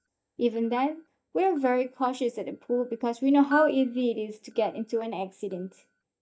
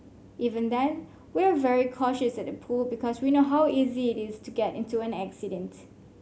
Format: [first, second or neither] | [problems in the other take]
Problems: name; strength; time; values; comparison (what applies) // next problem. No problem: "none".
second | noise reduction (neural mask model DeepFilterNet 3)